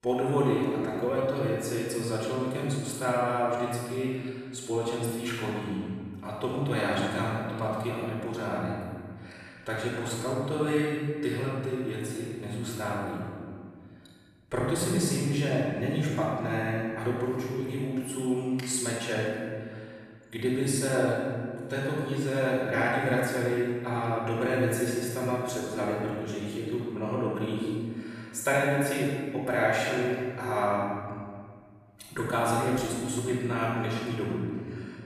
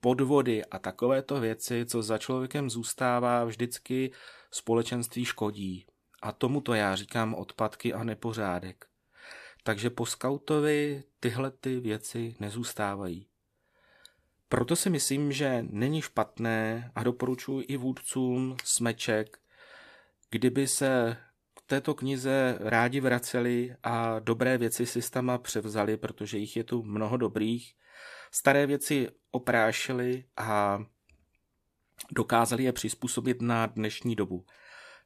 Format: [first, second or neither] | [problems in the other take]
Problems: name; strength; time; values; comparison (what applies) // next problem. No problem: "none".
second | off-mic speech; far // room echo; strong; dies away in 1.9 s